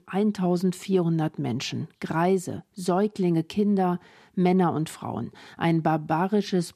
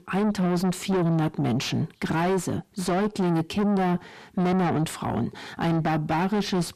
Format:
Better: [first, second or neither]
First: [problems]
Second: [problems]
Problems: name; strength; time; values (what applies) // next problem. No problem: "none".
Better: first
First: none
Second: distortion; heavy; 7 dB below the speech